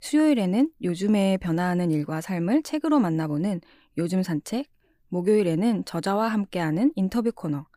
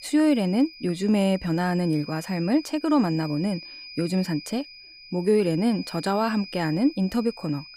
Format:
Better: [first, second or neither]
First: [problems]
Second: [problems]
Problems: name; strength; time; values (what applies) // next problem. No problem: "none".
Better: first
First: none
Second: high-pitched whine; noticeable; throughout; 5 kHz, 15 dB below the speech